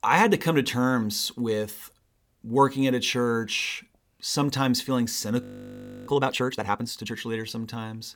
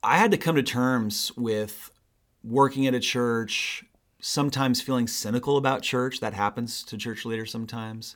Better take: second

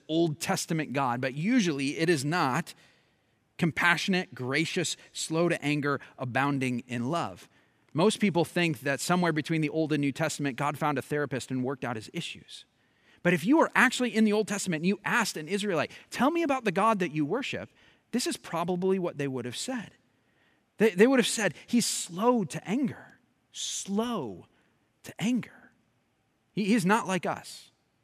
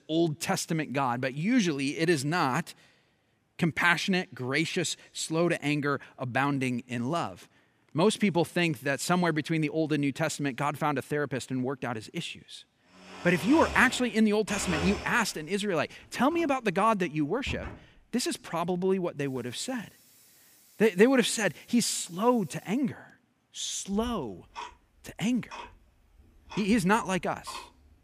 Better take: first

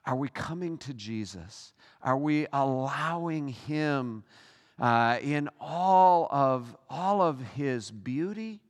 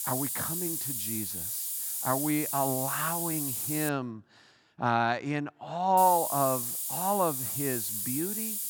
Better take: first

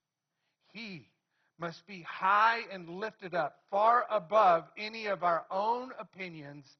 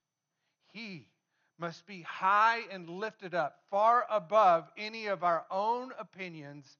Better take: second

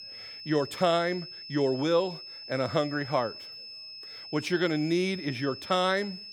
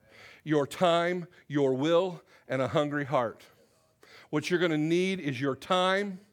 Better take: second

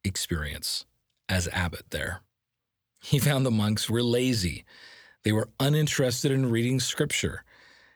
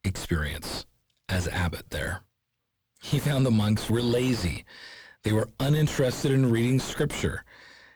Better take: first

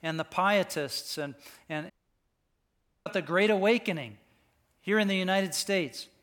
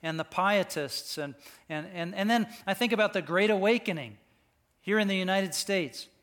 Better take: second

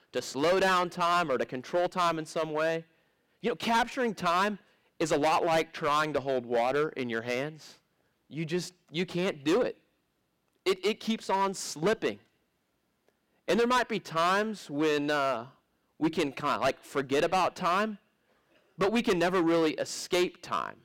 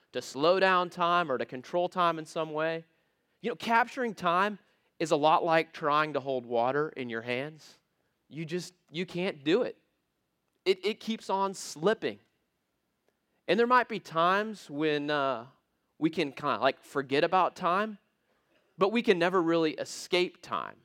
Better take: second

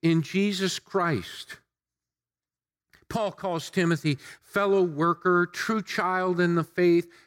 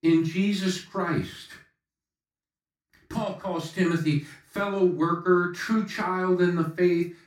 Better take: first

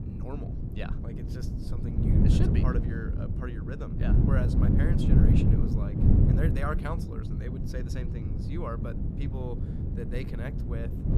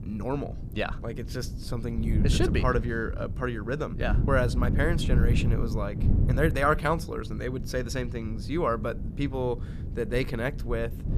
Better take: second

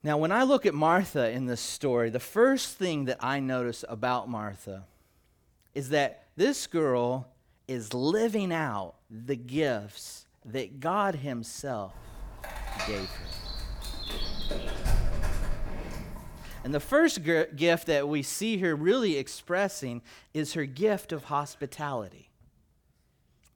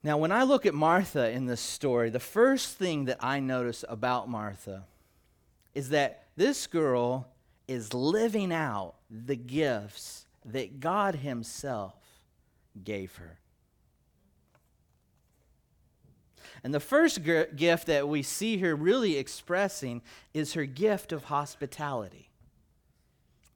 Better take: second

